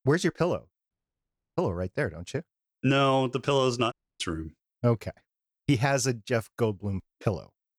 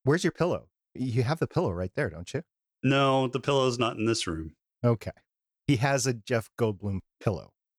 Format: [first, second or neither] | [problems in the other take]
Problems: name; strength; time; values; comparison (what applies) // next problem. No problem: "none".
second | audio cutting out; at 1 s for 0.5 s and at 4 s